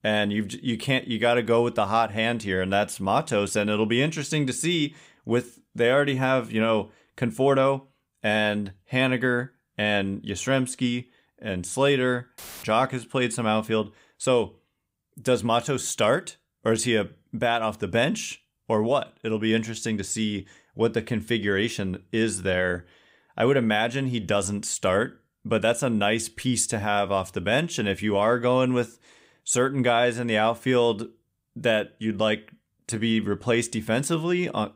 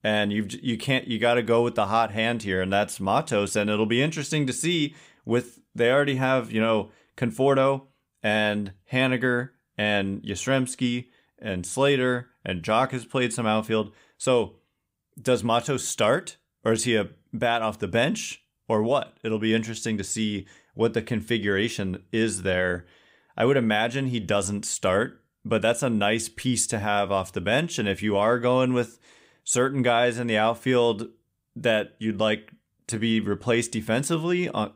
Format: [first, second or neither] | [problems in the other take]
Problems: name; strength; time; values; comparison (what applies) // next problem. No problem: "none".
second | audio cutting out; filled with static; at 12 s